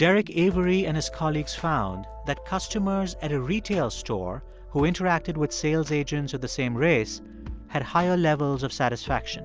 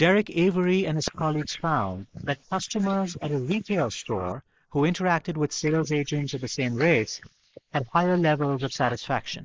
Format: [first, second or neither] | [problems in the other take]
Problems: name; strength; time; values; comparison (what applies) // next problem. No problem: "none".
first | noise reduction (neural mask model Resemble Enhance denoiser)